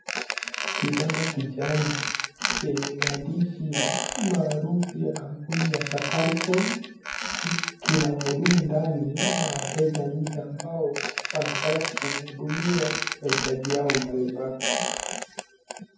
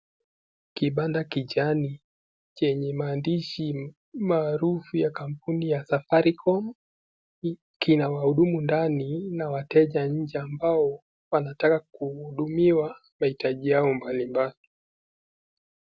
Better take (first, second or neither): second